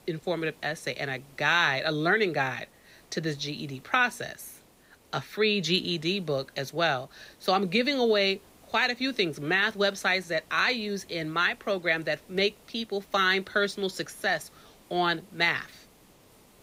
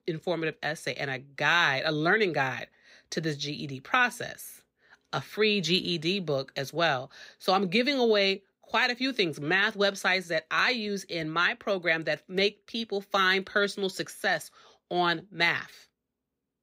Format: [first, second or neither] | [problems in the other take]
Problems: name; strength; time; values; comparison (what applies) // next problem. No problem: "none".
second | hiss; faint; throughout; 30 dB below the speech